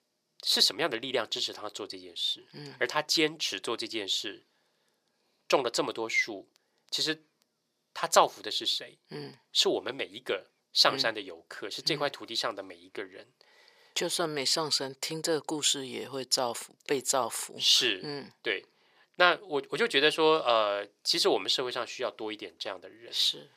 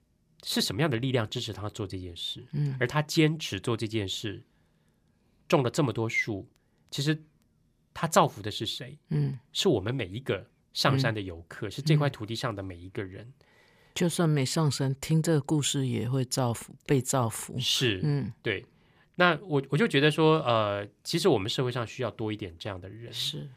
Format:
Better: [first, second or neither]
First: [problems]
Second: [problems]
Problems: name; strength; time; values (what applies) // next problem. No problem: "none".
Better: second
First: thin; very; fading below 500 Hz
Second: none